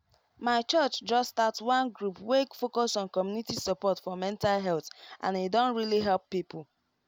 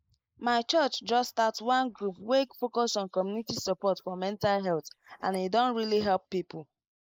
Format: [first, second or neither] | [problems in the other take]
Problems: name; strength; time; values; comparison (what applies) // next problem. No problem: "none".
first | noise reduction (neural mask model Resemble Enhance denoiser)